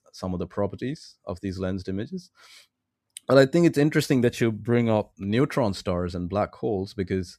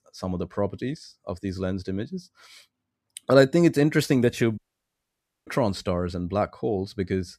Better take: first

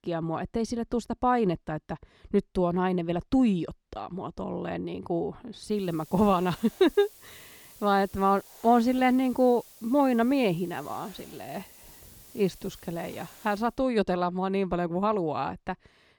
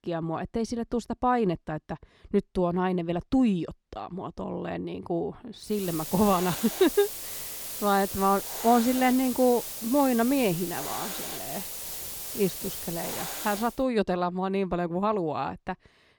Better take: first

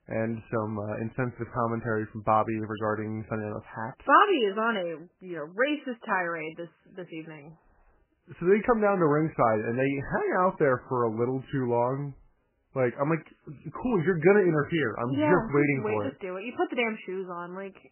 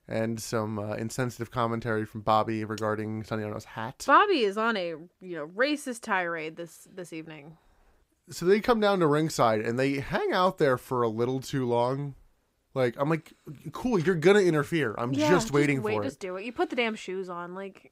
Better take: second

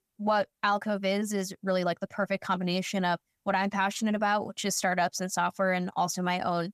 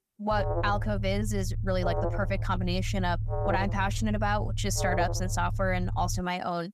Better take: first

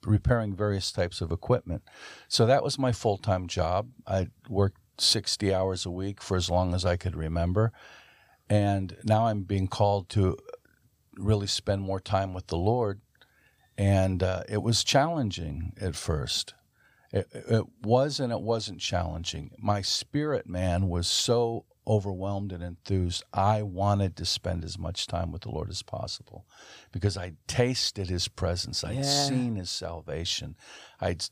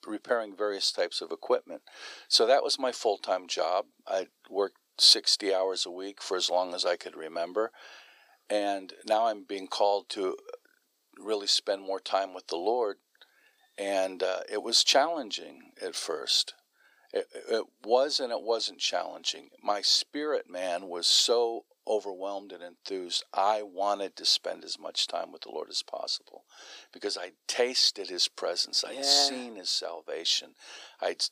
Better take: first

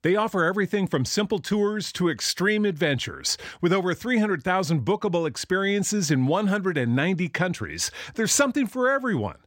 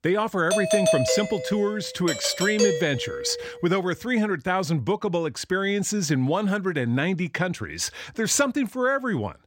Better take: first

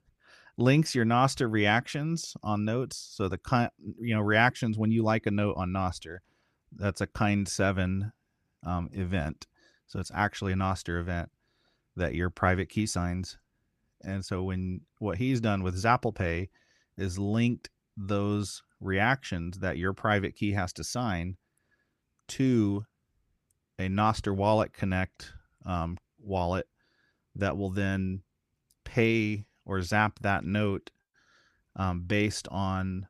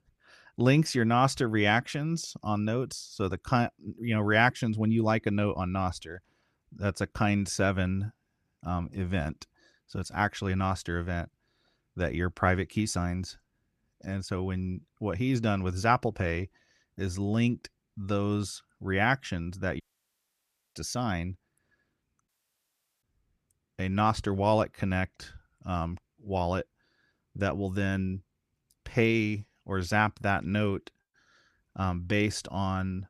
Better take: first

